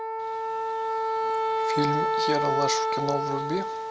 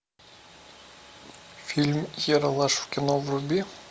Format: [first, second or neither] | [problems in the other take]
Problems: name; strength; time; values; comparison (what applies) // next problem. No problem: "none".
second | background sound (Wind instrument, woodwind instrument); 5 dB above the speech